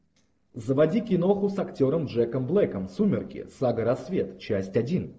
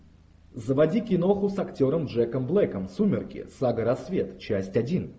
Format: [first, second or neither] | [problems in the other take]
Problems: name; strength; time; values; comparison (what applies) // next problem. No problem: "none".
second | noise reduction (neural separator model SepFormer DNS4)